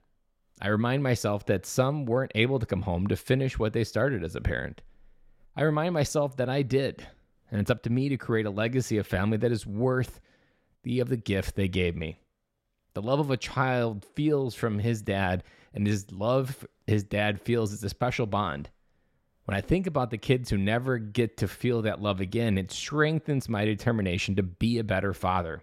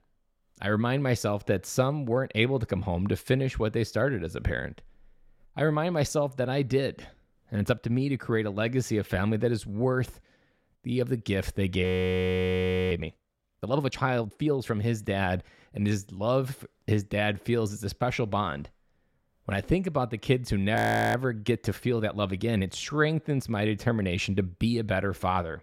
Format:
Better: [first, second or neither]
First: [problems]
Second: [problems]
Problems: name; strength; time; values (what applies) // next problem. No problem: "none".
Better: first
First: none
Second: audio freezing; at 12 s for 1 s and at 21 s